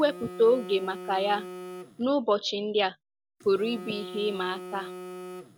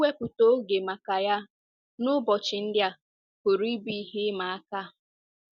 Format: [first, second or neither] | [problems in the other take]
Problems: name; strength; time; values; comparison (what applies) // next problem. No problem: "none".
second | background sound (Telephone); 13 dB below the speech